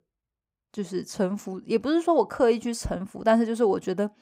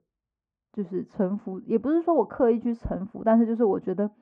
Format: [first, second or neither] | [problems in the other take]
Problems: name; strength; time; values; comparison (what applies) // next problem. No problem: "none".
first | muffled; very; fading above 1 kHz